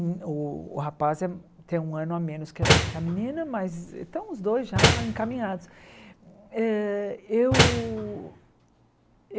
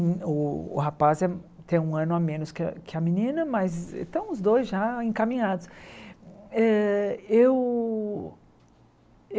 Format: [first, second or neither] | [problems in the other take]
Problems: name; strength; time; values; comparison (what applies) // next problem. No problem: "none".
second | background sound (Slam); 5 dB above the speech